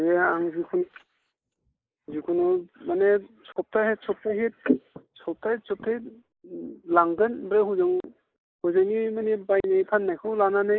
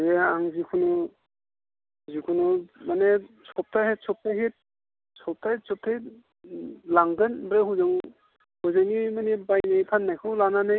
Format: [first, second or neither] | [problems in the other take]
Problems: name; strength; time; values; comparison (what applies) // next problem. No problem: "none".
second | noise reduction (neural mask model Resemble Enhance denoiser)